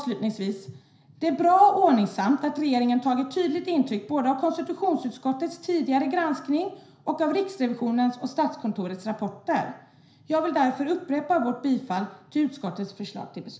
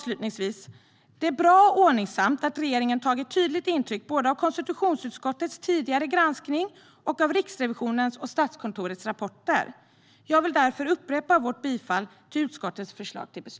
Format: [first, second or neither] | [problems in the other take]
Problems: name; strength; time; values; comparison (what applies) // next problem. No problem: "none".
second | room echo; dies away in 0.5 s